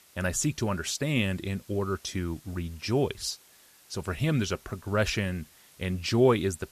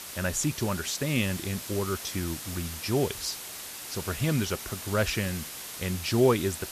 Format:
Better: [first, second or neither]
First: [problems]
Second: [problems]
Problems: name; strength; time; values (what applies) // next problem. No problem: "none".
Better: first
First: hiss; faint; throughout; 25 dB below the speech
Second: hiss; loud; throughout; 8 dB below the speech